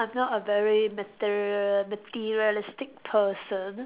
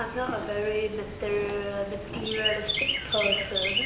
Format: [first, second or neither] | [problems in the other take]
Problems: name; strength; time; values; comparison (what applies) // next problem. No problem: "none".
first | background sound (Chirp, tweet); 1 dB below the speech // room echo; dies away in 0.9 s